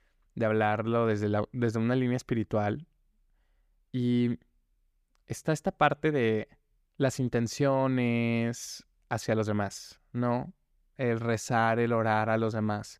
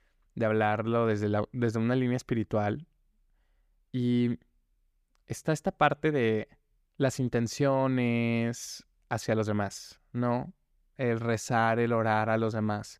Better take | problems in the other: neither | none

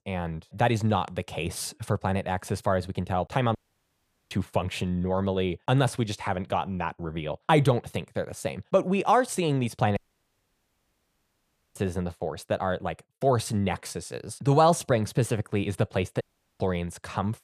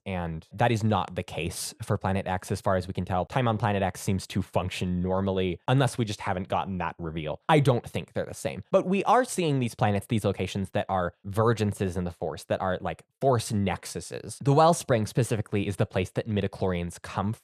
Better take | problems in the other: second | audio cutting out; at 3.5 s for 1 s, at 10 s for 2 s and at 16 s

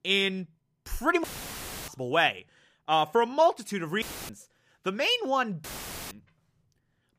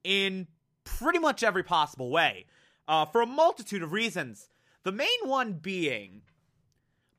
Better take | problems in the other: second | audio cutting out; filled with static; at 1 s for 0.5 s, at 4 s and at 5.5 s

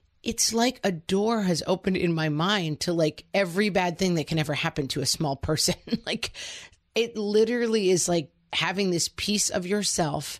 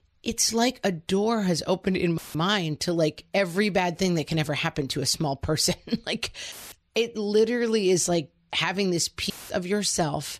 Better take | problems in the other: first | audio cutting out; filled with static; at 2 s, at 6.5 s and at 9.5 s

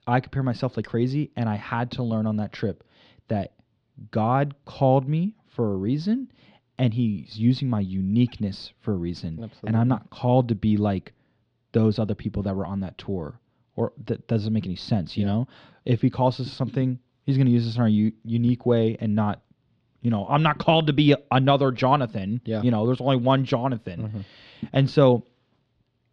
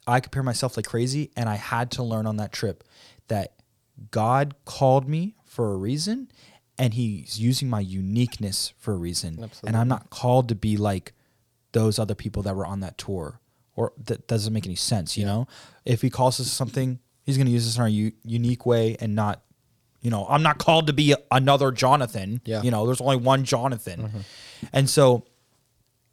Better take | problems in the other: second | muffled; slightly; fading above 3.5 kHz

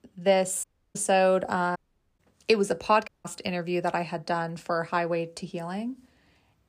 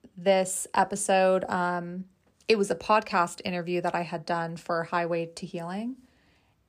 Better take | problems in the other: second | audio cutting out; at 0.5 s, at 2 s and at 3 s

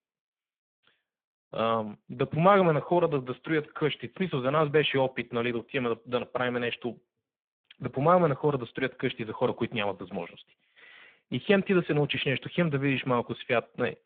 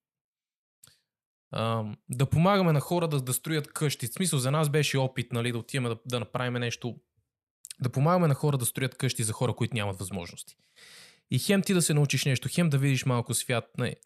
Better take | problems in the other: second | phone-call audio; poor line

